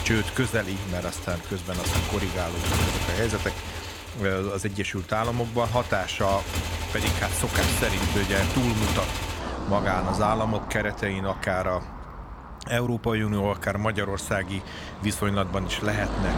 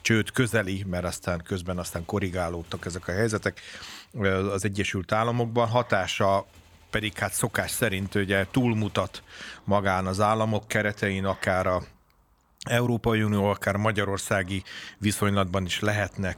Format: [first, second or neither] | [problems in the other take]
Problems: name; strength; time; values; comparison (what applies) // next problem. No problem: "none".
second | traffic noise; loud; throughout; 3 dB below the speech; faint in the second